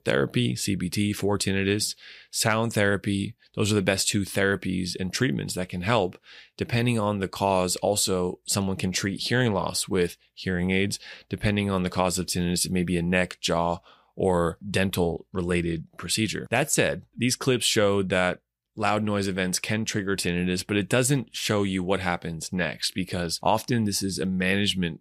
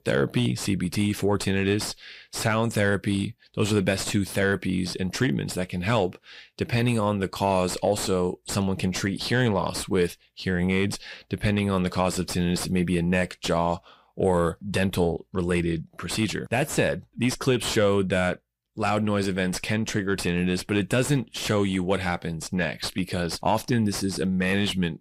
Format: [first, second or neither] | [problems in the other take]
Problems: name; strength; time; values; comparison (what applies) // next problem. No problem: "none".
first | distortion; slight; 10 dB below the speech